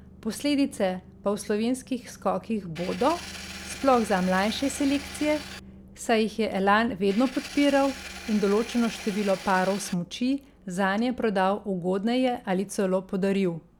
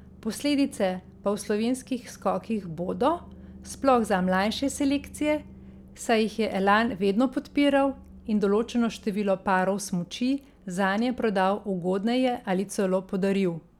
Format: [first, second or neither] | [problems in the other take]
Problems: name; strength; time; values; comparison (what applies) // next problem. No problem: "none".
second | background sound (Engine); 14 dB below the speech